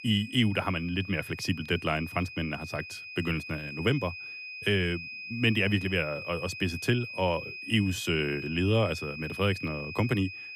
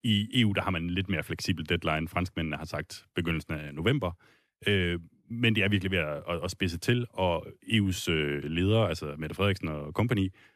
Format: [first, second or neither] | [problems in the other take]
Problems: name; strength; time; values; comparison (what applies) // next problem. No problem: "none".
second | high-pitched whine; loud; throughout; 2.5 kHz, 9 dB below the speech